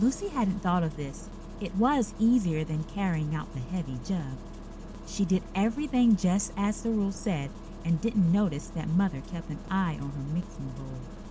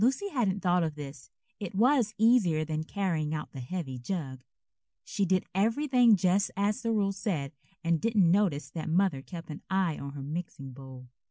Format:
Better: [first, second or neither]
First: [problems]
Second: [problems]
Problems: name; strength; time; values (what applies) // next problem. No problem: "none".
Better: second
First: background sound (Engine starting); 12 dB below the speech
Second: none